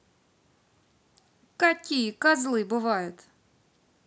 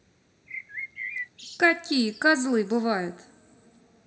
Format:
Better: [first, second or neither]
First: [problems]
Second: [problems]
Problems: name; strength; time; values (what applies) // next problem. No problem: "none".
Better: first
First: none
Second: background sound (Bird); 12 dB below the speech // room echo; dies away in 1.3 s